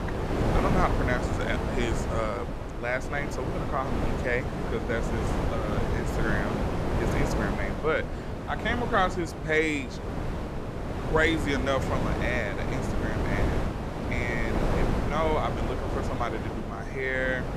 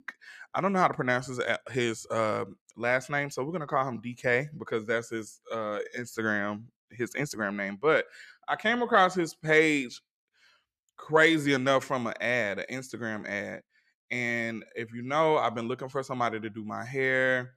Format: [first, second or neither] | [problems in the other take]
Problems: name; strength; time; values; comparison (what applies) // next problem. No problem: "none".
second | wind noise on the microphone; heavy; 4 dB below the speech